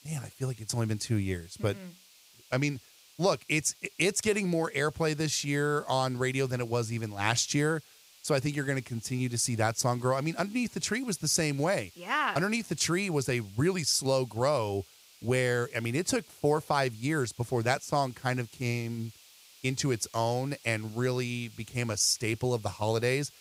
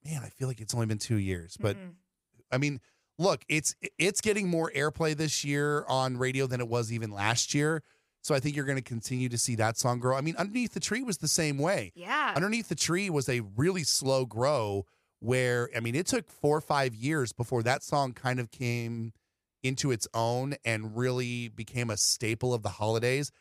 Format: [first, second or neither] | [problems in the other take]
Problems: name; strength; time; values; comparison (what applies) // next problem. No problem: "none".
second | hiss; faint; throughout; 25 dB below the speech